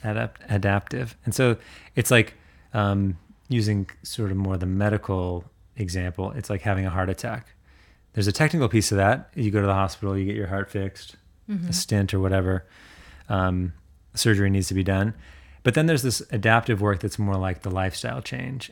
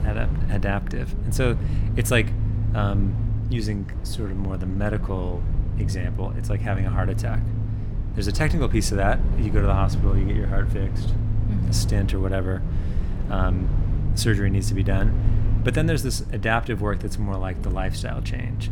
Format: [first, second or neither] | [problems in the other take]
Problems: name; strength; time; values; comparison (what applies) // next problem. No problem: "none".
first | low rumble; loud; throughout; 10 dB below the speech